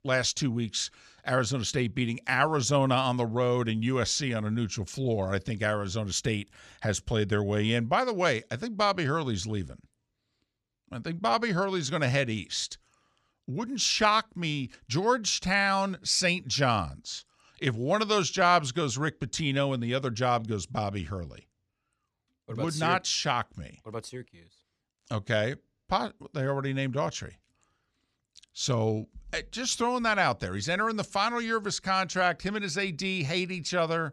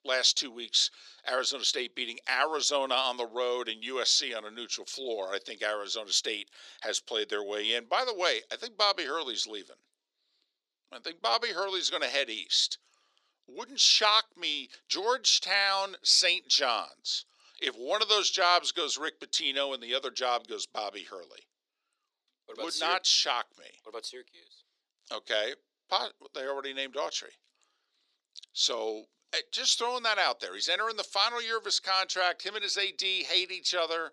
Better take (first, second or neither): first